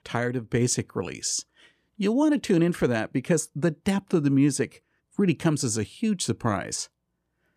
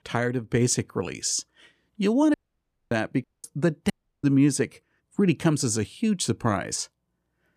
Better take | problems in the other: first | audio cutting out; at 2.5 s for 0.5 s, at 3 s and at 4 s

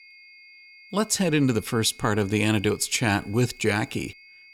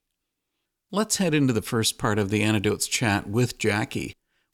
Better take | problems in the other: second | high-pitched whine; faint; throughout; 2 kHz, 25 dB below the speech

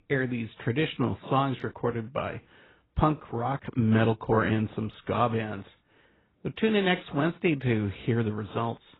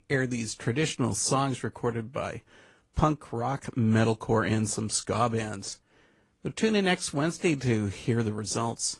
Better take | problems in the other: second | garbled, watery; badly; nothing above 4 kHz; slightly in the second

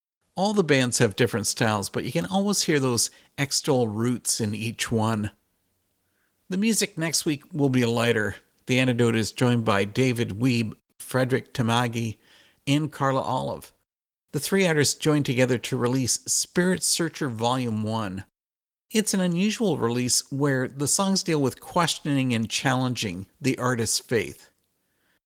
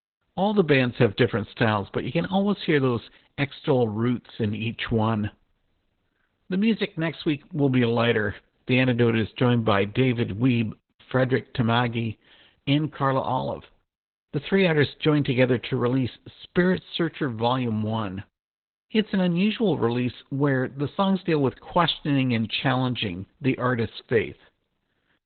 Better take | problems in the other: first | garbled, watery; badly; nothing above 4 kHz; slightly in the first

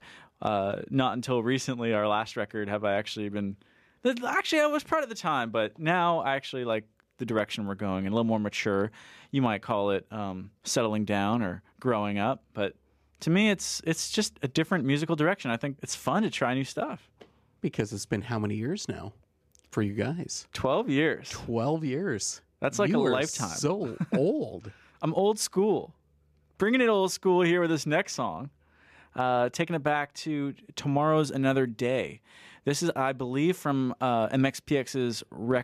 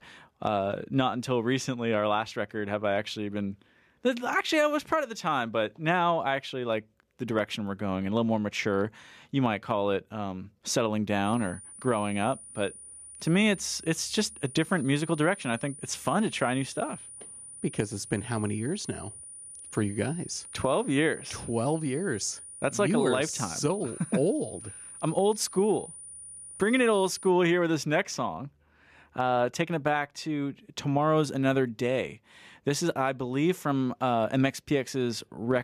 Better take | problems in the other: first | high-pitched whine; noticeable; from 11 to 27 s; 9.5 kHz, 15 dB below the speech

